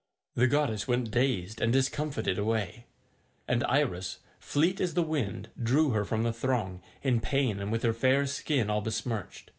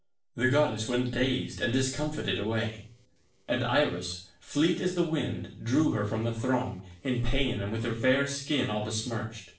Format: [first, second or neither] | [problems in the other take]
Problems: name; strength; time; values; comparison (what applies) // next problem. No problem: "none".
first | noise reduction (neural separator model SepFormer DNS4)